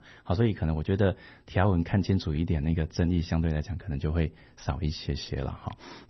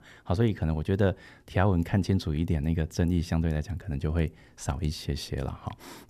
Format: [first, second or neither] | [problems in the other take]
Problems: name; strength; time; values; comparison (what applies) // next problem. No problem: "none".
second | garbled, watery; slightly; nothing above 6 kHz